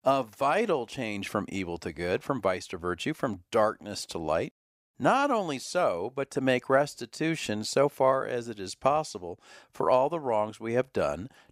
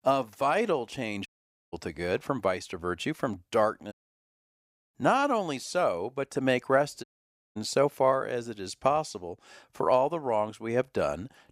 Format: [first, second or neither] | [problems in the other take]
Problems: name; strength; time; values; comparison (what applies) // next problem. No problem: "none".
first | audio cutting out; at 1.5 s, at 4 s for 0.5 s and at 7 s for 0.5 s